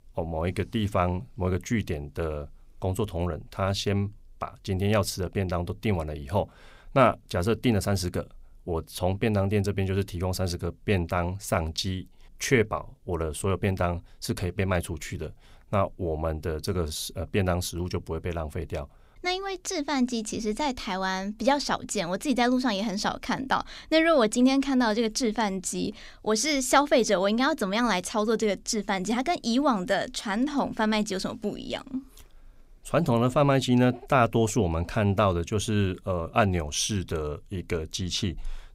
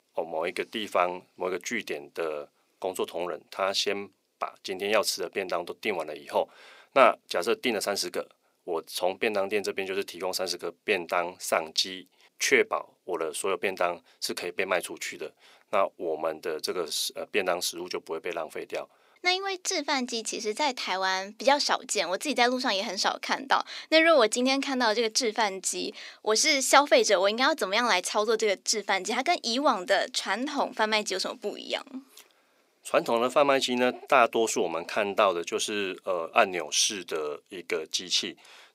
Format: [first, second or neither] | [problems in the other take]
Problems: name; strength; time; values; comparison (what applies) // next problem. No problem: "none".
first | thin; somewhat; fading below 350 Hz